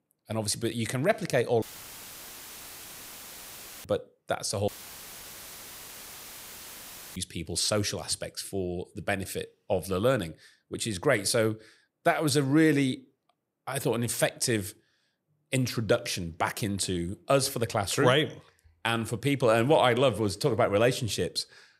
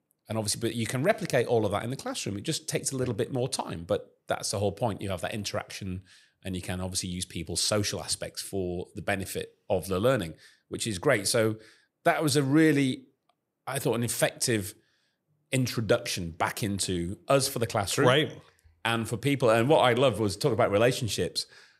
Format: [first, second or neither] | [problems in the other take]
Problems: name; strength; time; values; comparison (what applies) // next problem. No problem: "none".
second | audio cutting out; filled with static; at 1.5 s for 2 s and at 4.5 s for 2.5 s